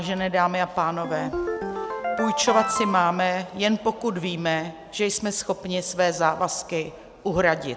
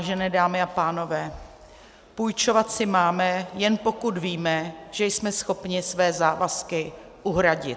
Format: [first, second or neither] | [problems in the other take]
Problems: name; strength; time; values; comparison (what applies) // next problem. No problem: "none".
second | background sound (Ringtone); 3 dB below the speech